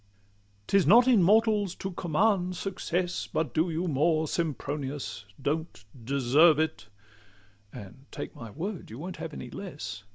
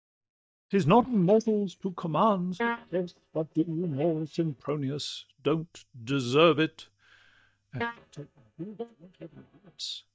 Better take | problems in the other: first | noise reduction (neural mask model DeepFilterNet 3)

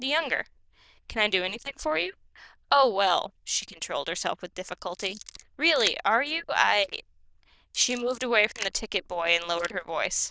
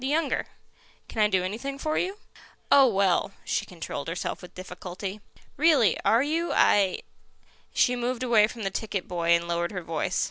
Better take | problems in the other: second | noise reduction (neural diffusion model UNIVERSE++)

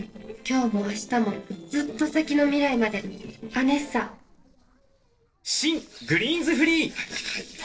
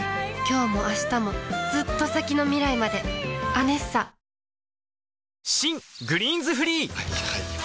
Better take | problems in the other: second | noise reduction (neural separator model SepFormer DNS4)

